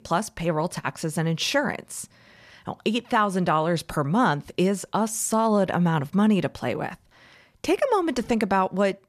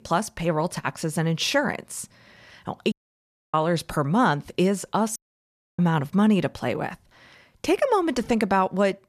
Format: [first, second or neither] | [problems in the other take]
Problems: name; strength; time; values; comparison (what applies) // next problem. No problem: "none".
first | audio cutting out; at 3 s for 0.5 s and at 5 s for 0.5 s